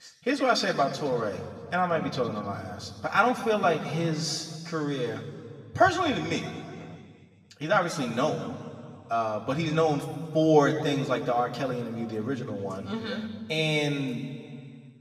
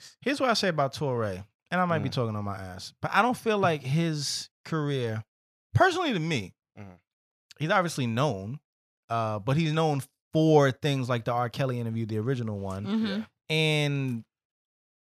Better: second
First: room echo; slight; dies away in 1.8 s // off-mic speech; far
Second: none

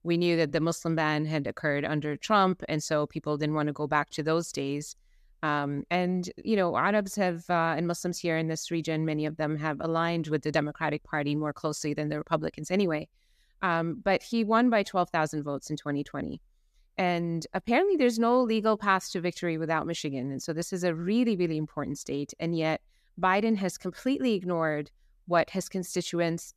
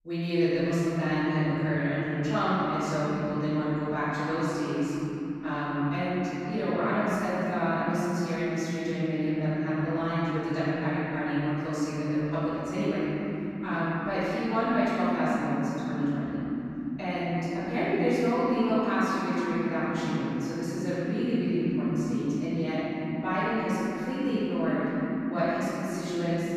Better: first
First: none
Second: room echo; strong; dies away in 3 s // off-mic speech; far

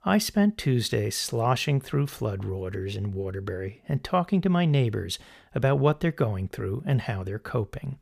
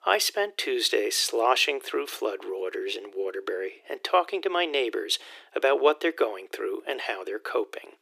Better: first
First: none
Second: thin; very; fading below 300 Hz

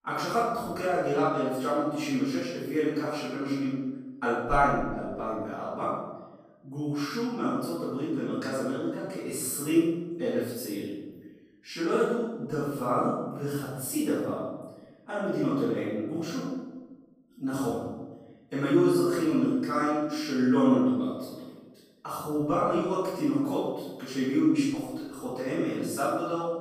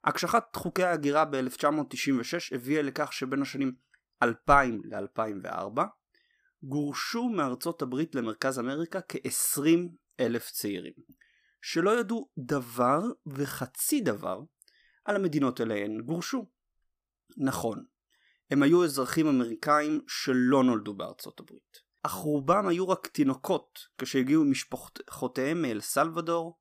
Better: second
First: off-mic speech; far // room echo; strong; dies away in 1.1 s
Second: none

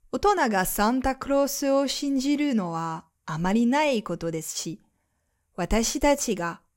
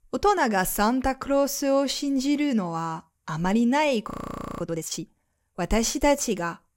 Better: first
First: none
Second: audio freezing; at 4 s for 0.5 s

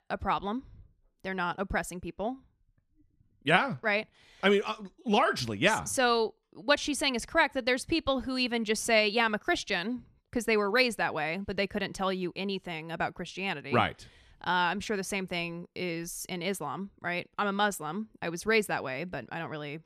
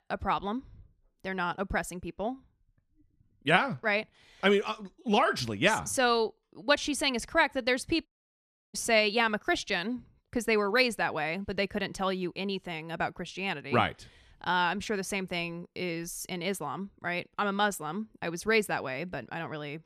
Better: first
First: none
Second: audio cutting out; at 8 s for 0.5 s

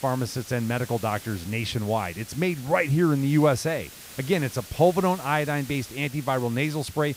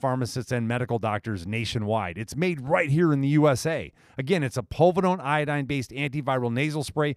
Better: second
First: hiss; noticeable; throughout; 15 dB below the speech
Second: none

